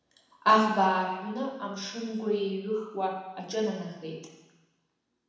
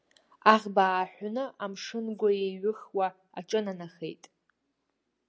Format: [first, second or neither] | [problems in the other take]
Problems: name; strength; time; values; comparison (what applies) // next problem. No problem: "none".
second | room echo; dies away in 1 s